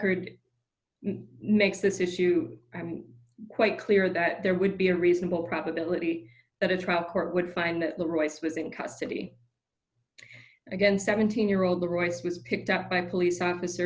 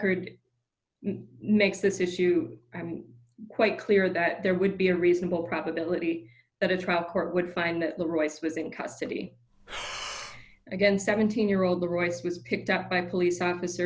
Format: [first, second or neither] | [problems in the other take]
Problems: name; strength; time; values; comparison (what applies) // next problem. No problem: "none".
first | background sound (Breathing); 12 dB below the speech